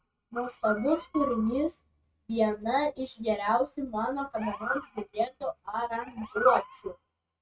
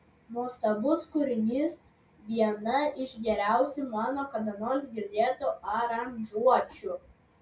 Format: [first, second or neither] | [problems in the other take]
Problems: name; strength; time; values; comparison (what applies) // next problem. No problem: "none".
second | noise reduction (neural mask model RNNoise)